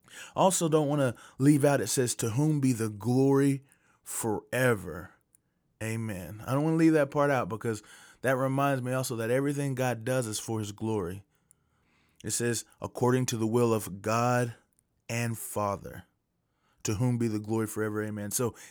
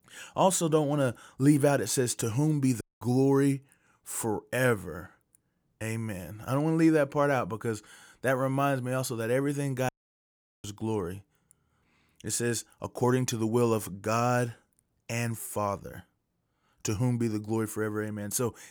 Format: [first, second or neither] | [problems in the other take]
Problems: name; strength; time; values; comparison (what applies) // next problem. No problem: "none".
first | audio cutting out; at 3 s and at 10 s for 1 s